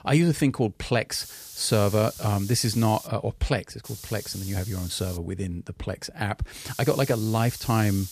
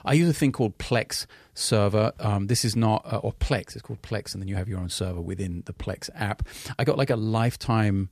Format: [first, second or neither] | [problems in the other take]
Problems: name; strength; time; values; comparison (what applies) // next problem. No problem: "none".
second | hiss; noticeable; from 1 to 3 s, from 4 to 5 s and from 6.5 s on; 15 dB below the speech